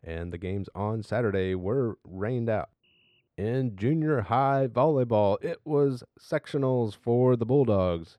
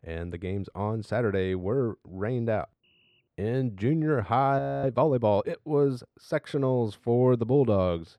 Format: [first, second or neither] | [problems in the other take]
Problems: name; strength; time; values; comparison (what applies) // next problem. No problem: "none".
first | audio freezing; at 4.5 s